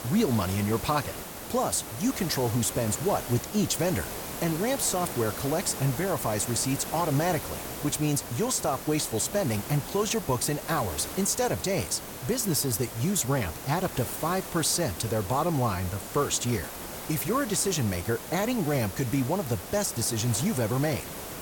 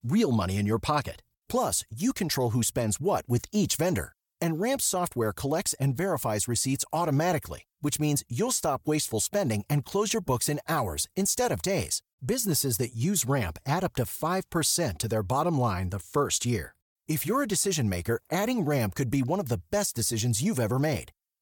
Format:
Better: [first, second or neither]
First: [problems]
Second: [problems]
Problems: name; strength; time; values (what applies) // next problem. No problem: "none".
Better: second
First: hiss; loud; throughout; 9 dB below the speech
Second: none